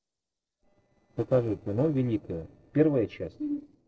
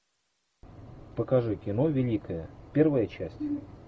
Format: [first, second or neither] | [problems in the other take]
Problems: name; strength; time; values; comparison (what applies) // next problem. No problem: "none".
second | noise reduction (neural separator model SepFormer DNS4)